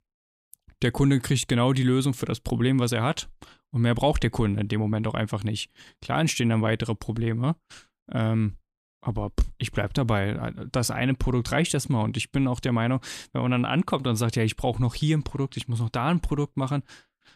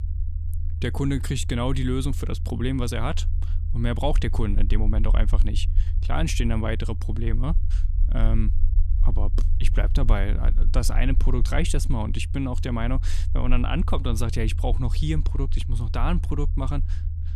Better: first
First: none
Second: low rumble; noticeable; throughout; 15 dB below the speech

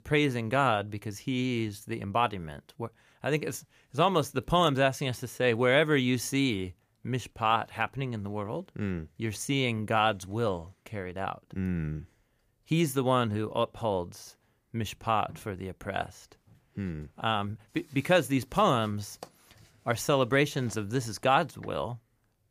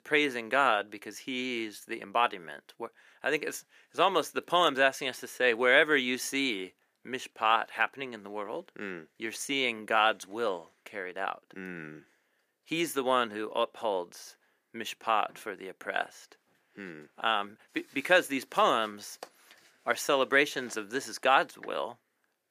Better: first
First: none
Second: thin; somewhat; fading below 300 Hz

